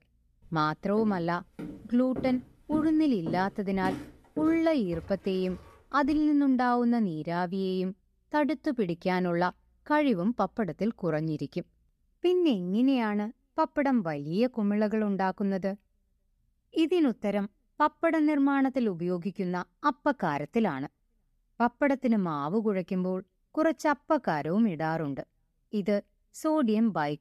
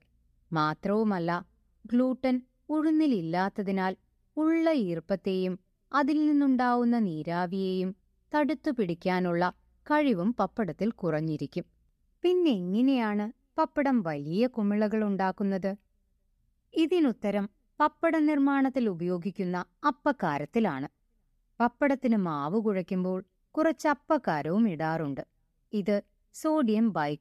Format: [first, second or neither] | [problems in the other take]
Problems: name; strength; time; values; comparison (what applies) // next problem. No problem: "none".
second | footsteps; noticeable; from 1 to 6 s; peak 9 dB below the speech